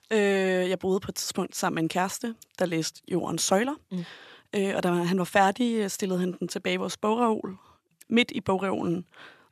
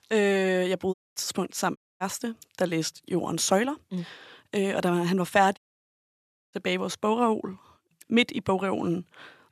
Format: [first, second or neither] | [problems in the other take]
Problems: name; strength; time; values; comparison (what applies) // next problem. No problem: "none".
first | audio cutting out; at 1 s, at 2 s and at 5.5 s for 1 s